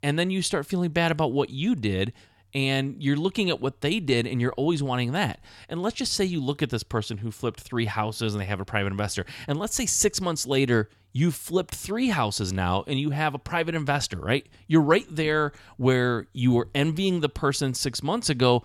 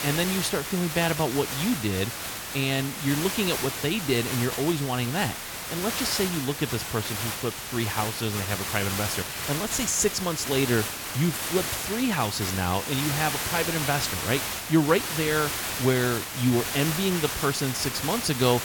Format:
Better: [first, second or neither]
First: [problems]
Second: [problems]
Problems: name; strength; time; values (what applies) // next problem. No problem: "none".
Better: first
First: none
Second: hiss; loud; throughout; 3 dB below the speech